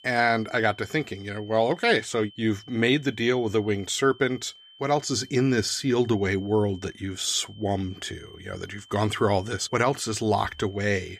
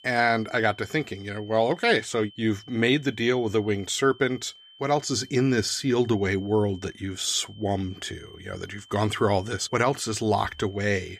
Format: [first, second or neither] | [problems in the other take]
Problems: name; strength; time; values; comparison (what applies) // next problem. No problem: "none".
neither | high-pitched whine; faint; throughout; 3 kHz, 25 dB below the speech; the same in both